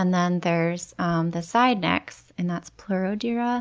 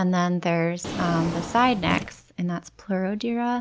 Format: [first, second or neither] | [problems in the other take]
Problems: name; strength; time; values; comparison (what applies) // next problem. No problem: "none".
first | background sound (Drawer open or close); 9 dB below the speech